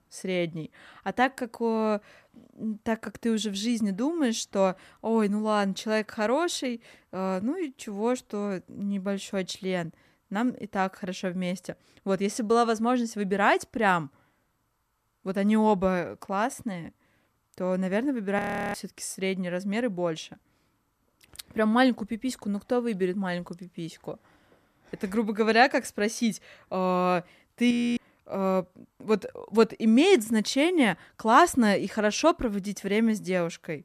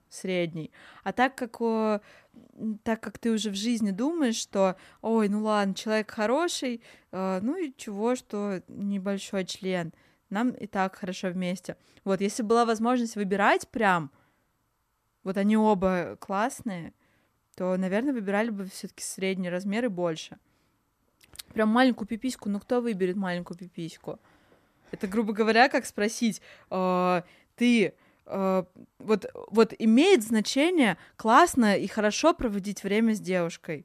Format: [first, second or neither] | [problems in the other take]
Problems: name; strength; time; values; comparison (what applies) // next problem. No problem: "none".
second | audio freezing; at 18 s and at 28 s